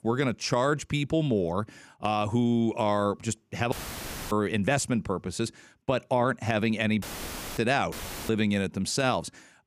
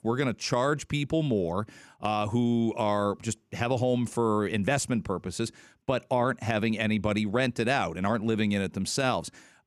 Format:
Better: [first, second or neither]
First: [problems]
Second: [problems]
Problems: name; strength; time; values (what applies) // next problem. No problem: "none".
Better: second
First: audio cutting out; filled with static; at 3.5 s for 0.5 s, at 7 s for 0.5 s and at 8 s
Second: none